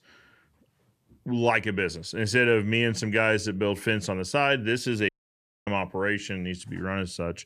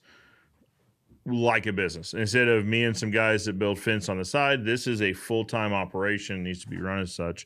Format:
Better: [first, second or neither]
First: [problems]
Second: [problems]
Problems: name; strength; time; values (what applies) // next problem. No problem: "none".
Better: second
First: audio cutting out; at 5 s for 0.5 s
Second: none